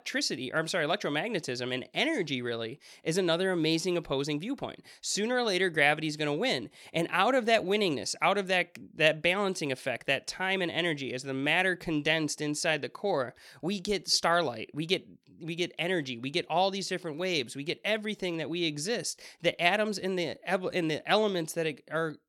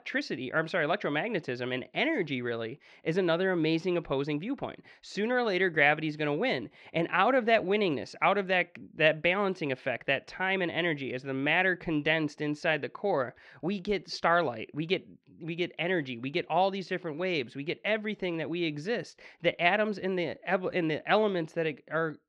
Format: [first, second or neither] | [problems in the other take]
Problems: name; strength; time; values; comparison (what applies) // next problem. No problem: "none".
first | muffled; slightly; fading above 2 kHz